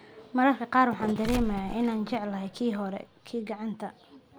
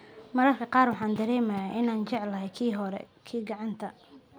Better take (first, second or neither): second